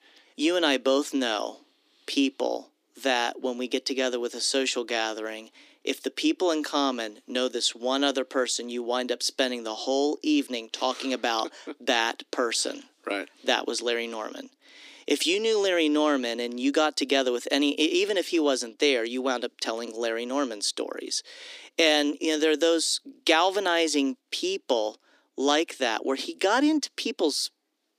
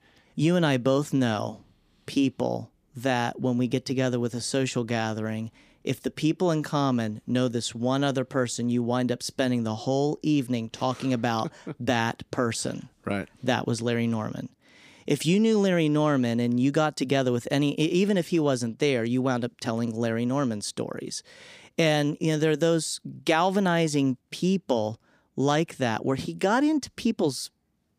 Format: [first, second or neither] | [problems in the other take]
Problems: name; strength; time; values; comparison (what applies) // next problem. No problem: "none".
second | thin; very slightly; fading below 300 Hz